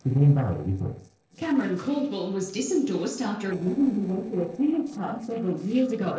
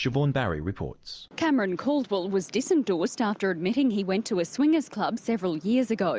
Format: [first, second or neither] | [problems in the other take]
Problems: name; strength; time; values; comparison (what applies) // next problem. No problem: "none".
second | noise reduction (neural separator model SepFormer DNS4)